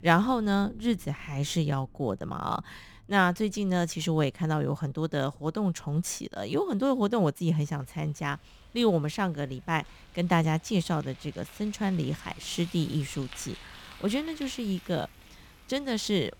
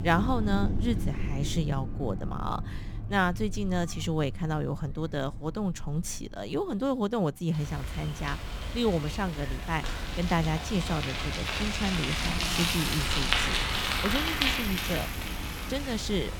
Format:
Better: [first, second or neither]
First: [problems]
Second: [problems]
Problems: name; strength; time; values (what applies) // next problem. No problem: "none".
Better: first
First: traffic noise; faint; throughout; 20 dB below the speech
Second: traffic noise; loud; throughout; as loud as the speech